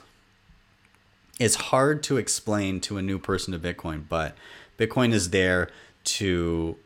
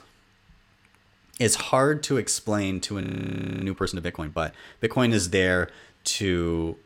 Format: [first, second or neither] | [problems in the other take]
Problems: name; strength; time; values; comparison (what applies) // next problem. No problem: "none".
first | audio freezing; at 3 s for 0.5 s